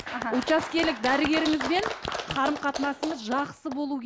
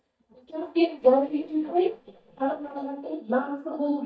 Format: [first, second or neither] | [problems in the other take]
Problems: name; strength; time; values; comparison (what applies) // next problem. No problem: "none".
first | noise reduction (neural mask model DeepFilterNet 3)